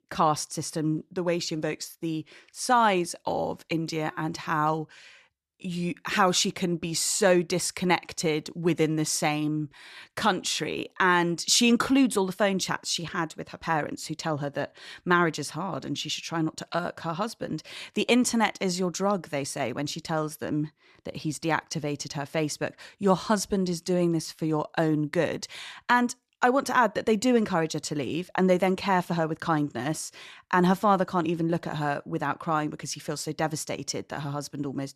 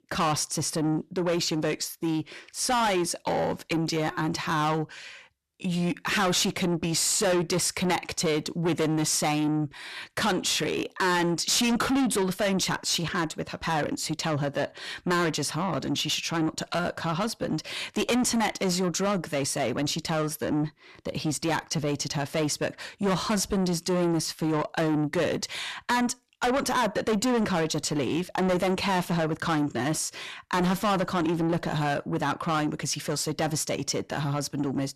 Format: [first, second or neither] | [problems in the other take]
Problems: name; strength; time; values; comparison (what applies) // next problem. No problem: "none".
first | distortion; heavy; 6 dB below the speech